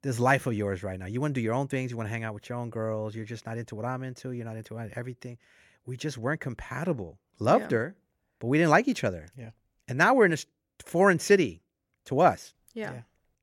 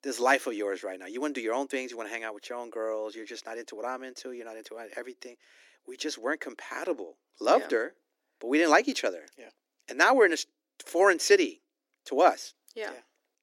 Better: first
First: none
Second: thin; somewhat; fading below 300 Hz

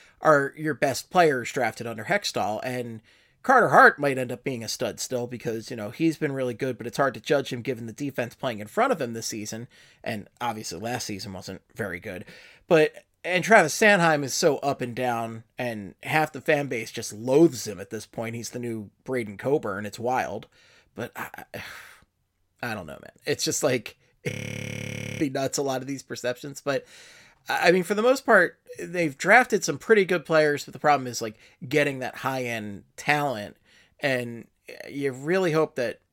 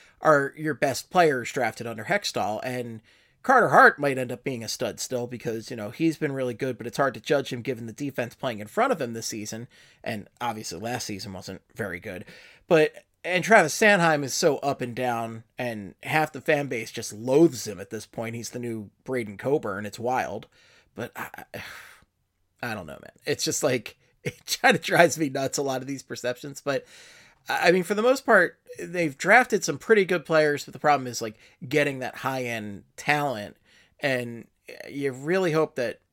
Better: second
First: audio freezing; at 24 s for 1 s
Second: none

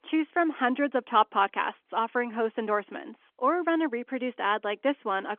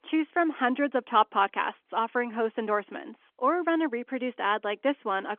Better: neither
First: phone-call audio; nothing above 3.5 kHz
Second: phone-call audio; nothing above 3.5 kHz

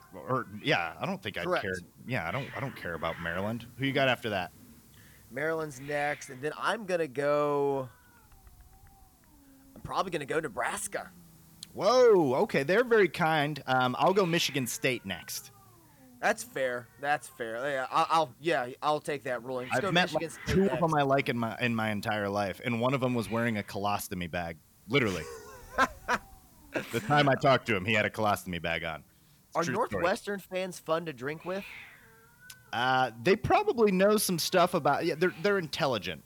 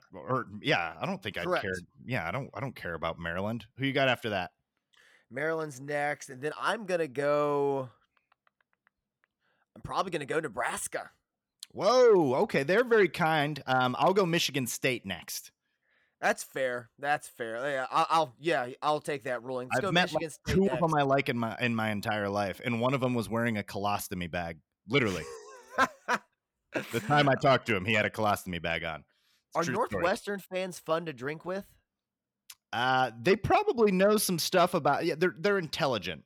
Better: second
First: hiss; faint; throughout; 20 dB below the speech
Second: none

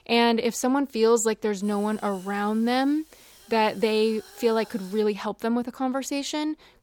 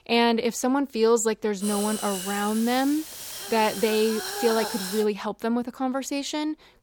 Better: first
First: hiss; faint; from 1.5 to 5 s; 25 dB below the speech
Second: hiss; loud; from 1.5 to 5 s; 7 dB below the speech

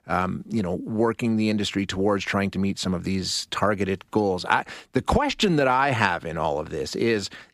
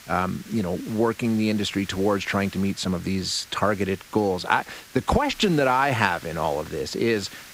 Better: first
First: none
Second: hiss; noticeable; throughout; 20 dB below the speech

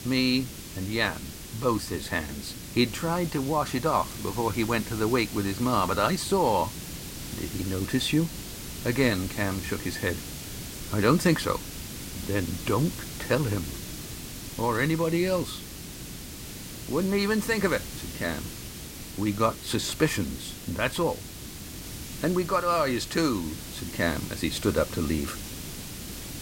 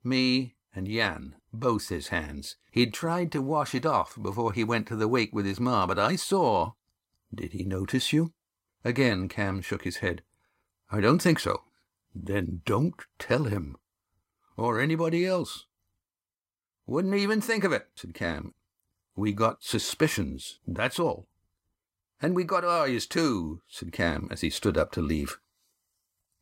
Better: second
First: hiss; loud; throughout; 10 dB below the speech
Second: none

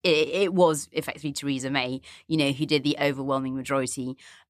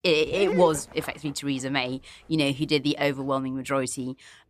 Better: first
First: none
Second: dog barking; noticeable; until 1.5 s; peak 4 dB below the speech

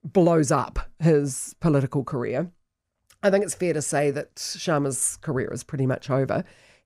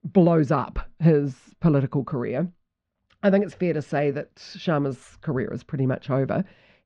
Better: first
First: none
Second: muffled; slightly; fading above 4 kHz

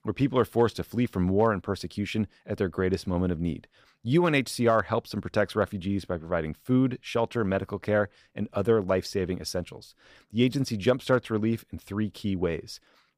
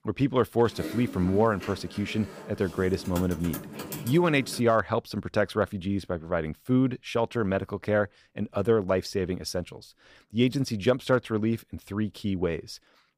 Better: first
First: none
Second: keyboard typing; noticeable; from 0.5 to 4.5 s; peak 9 dB below the speech

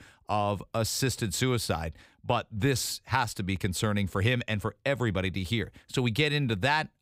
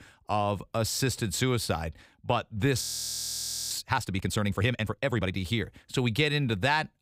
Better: first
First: none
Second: audio freezing; at 3 s for 1 s

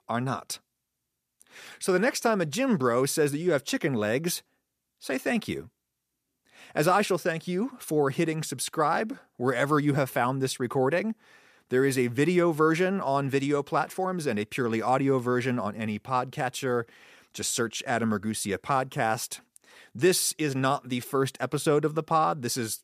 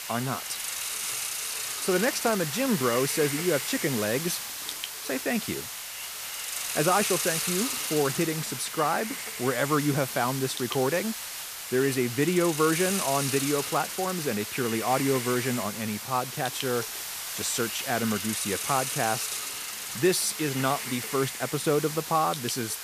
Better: first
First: none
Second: hiss; loud; throughout; 3 dB below the speech

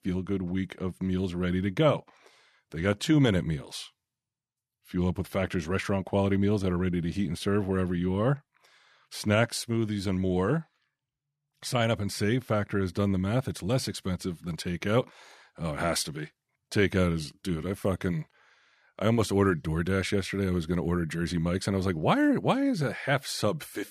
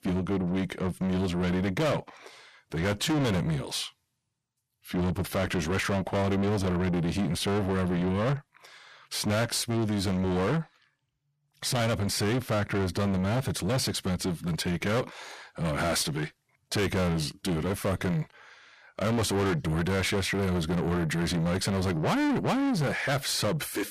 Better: first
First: none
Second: distortion; heavy; 6 dB below the speech

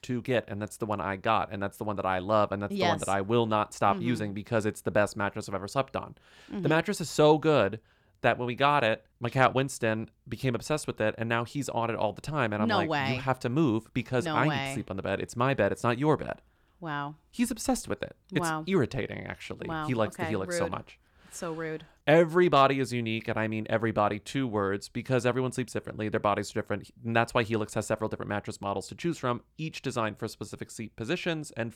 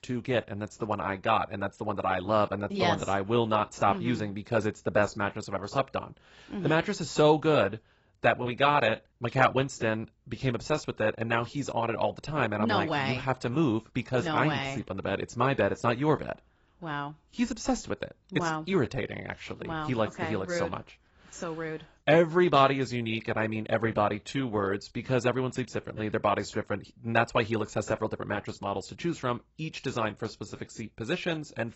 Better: first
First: none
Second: garbled, watery; badly; nothing above 7.5 kHz

